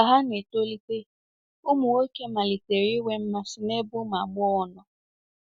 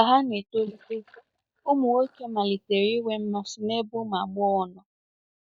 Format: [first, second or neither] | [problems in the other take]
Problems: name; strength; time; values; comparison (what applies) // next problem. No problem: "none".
first | noise reduction (neural mask model DeepFilterNet 3)